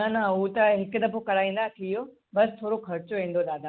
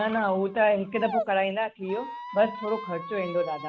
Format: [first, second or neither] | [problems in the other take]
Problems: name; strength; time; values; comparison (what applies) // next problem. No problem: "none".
first | background sound (Squeak); 10 dB below the speech